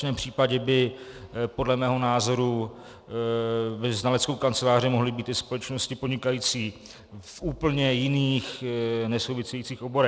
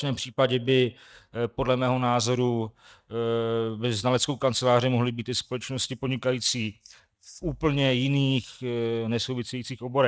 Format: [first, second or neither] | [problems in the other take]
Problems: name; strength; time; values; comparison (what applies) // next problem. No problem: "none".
first | noise reduction (neural mask model DeepFilterNet 3)